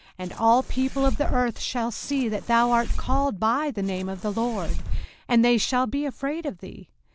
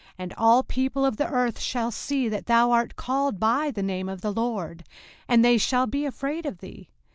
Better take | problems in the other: second | background sound (Fireworks); 2 dB below the speech

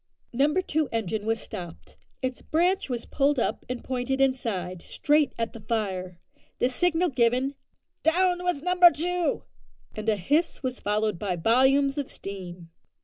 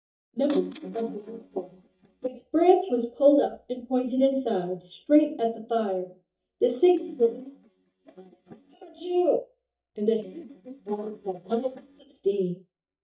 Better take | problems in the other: first | noise reduction (neural mask model DeepFilterNet 3)

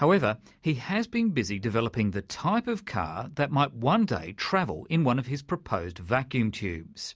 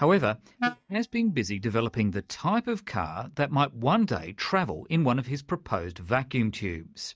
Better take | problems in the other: first | noise reduction (neural mask model DeepFilterNet 3)

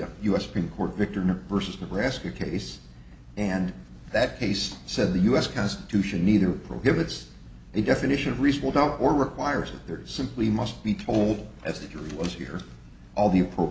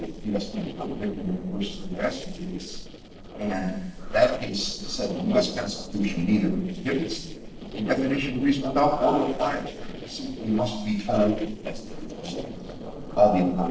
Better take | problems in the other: first | noise reduction (neural separator model SepFormer DNS4)

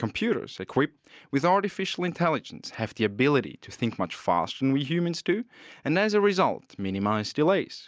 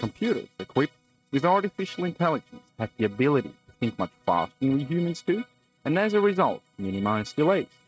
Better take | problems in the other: first | noise reduction (neural mask model RNNoise)

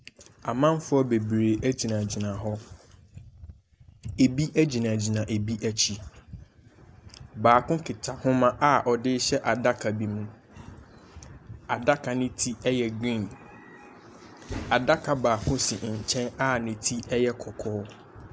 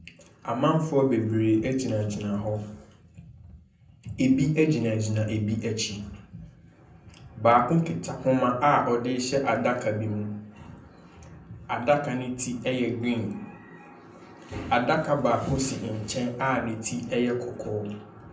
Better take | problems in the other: first | room echo; dies away in 0.6 s

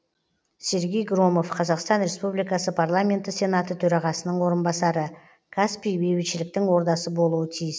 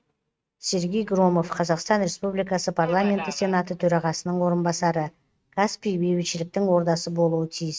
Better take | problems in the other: first | noise reduction (neural mask model RNNoise)

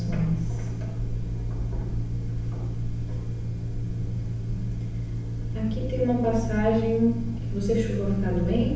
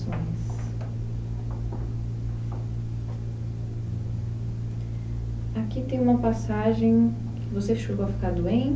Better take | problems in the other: second | room echo; dies away in 0.7 s

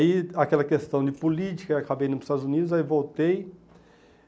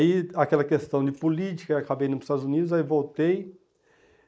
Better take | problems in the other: first | noise reduction (neural mask model Resemble Enhance denoiser)

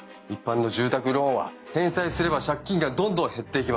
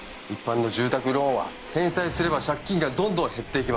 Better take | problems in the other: first | background sound (Subway, metro, underground); 16 dB below the speech

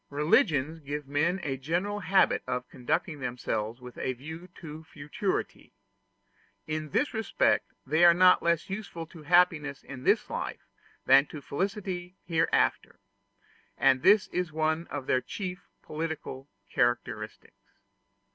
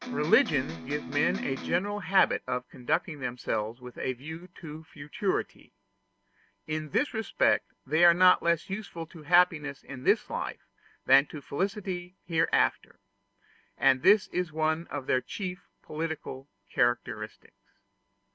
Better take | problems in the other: first | background sound (Electric guitar); 7 dB below the speech

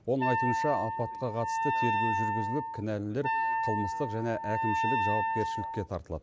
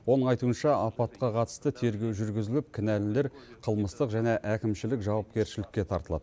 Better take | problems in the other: second | background sound (Wind instrument, woodwind instrument); 2 dB above the speech

